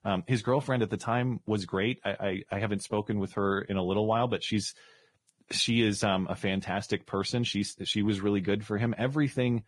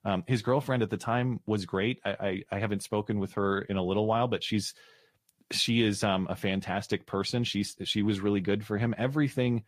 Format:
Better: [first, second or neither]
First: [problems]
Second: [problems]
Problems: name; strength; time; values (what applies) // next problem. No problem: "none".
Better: second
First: garbled, watery; badly; nothing above 10.5 kHz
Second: garbled, watery; slightly; nothing above 15 kHz